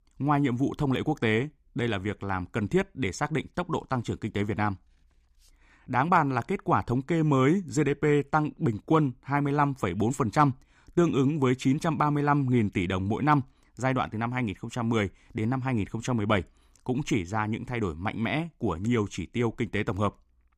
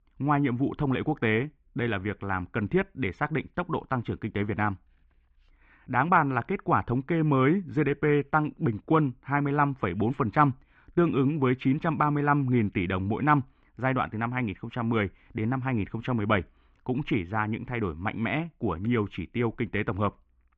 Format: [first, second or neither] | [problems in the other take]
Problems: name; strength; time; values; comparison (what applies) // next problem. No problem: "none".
first | muffled; very; fading above 3 kHz